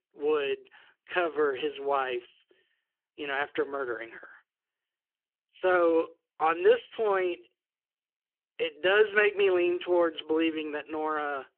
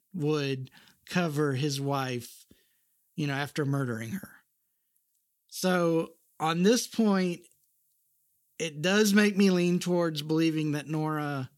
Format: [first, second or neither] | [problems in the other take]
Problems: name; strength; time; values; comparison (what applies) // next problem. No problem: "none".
second | phone-call audio